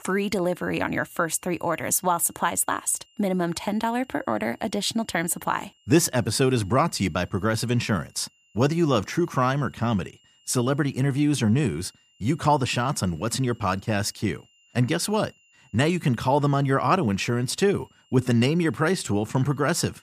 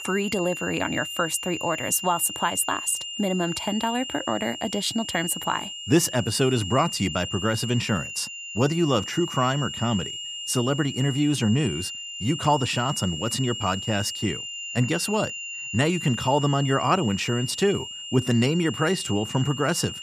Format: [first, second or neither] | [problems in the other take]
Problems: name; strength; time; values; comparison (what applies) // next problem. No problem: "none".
first | high-pitched whine; loud; throughout; 3 kHz, 7 dB below the speech; faint in the first